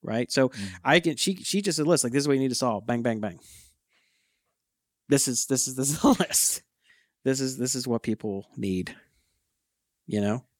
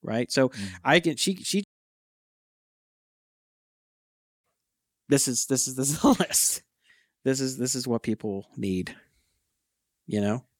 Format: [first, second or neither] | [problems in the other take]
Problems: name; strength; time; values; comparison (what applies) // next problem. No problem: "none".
first | audio cutting out; at 1.5 s for 3 s